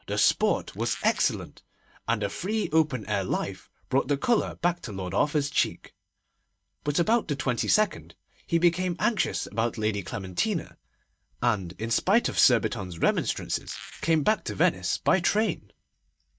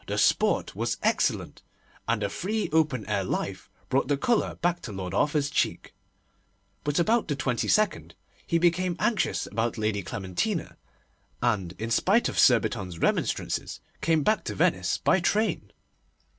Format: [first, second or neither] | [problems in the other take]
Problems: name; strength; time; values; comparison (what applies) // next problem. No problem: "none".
second | noise reduction (neural mask model DeepFilterNet 3)